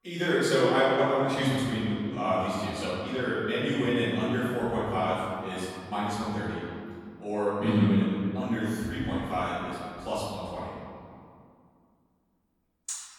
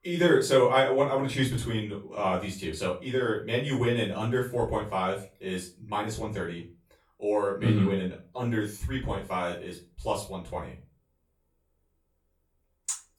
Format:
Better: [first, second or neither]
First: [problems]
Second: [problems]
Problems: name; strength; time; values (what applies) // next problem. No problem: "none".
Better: second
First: room echo; strong; dies away in 2.1 s // off-mic speech; far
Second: room echo; slight; dies away in 0.3 s // off-mic speech; far